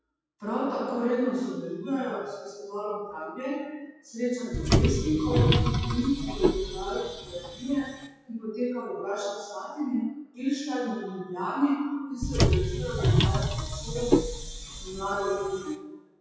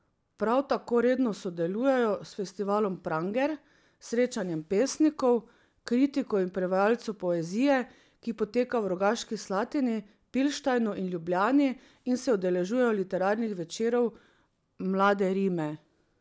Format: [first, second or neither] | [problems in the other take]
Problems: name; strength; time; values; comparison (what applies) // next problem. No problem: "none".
second | noise reduction (classical method WPE with log-MMSE)